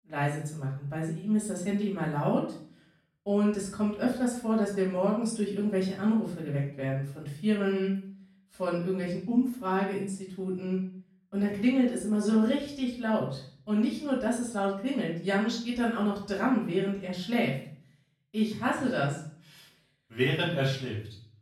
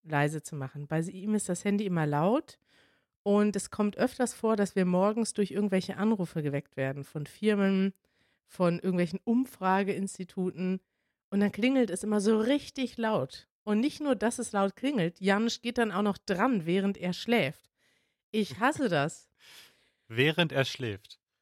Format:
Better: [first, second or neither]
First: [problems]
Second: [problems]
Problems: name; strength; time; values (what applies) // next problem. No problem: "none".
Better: second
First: off-mic speech; far // room echo; noticeable; dies away in 0.5 s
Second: none